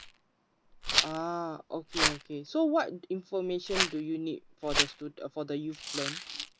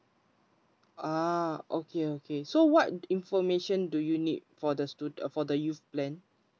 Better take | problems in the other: second | background sound (Rattle); 1 dB below the speech

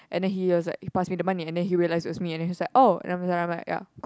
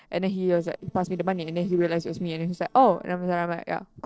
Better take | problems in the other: first | noise reduction (neural separator model SepFormer DNS4)

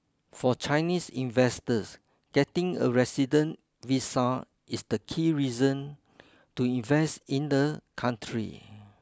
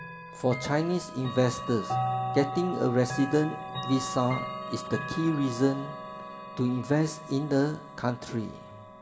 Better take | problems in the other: first | background sound (Chime / Clock); 7 dB below the speech // room echo; dies away in 2.3 s

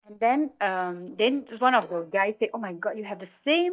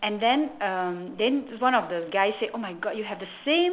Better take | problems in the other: second | noise reduction (neural mask model DeepFilterNet 3)

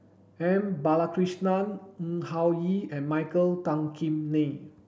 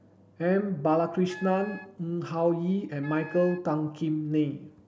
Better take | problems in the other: first | background sound (Wind instrument, woodwind instrument); 18 dB below the speech

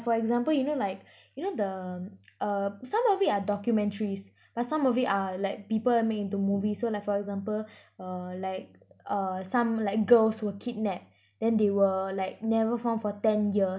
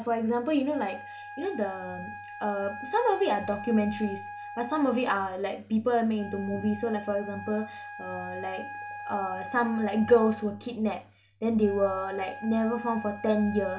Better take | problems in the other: first | background sound (Wind instrument, woodwind instrument); 13 dB below the speech // room echo; dies away in 0.2 s

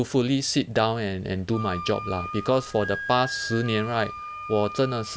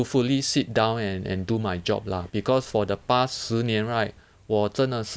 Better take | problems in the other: second | background sound (Wind instrument, woodwind instrument); 11 dB below the speech

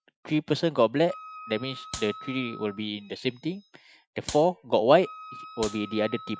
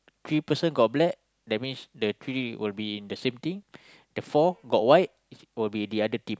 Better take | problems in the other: second | noise reduction (classical method Wiener filter)

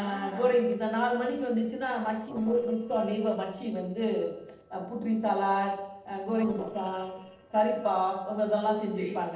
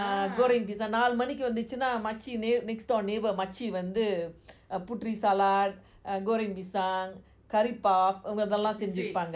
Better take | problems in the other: second | noise reduction (neural separator model SepFormer DNS4)

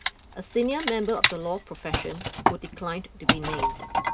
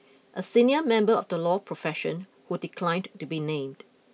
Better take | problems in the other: second | background sound (Wood); 2 dB above the speech

